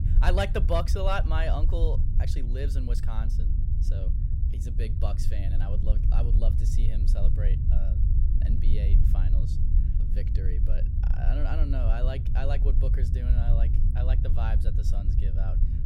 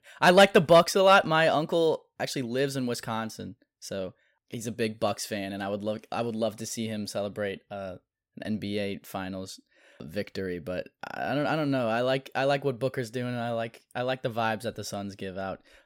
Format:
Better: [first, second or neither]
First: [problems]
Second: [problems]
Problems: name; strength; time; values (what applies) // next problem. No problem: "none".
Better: second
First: low rumble; loud; throughout; 8 dB below the speech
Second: none